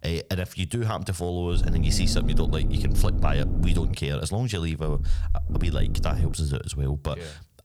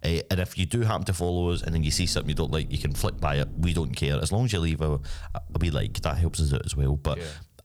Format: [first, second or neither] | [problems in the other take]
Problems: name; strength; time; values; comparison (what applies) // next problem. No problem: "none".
second | low rumble; loud; from 1.5 to 4 s and from 5 to 6.5 s; 8 dB below the speech; faint in the second